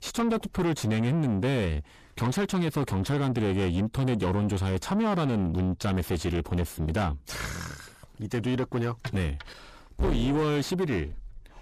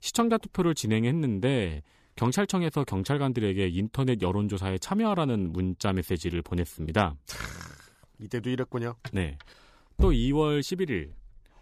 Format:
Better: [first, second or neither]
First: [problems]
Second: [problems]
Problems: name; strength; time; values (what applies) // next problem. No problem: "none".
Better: second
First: distortion; heavy; 7 dB below the speech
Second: none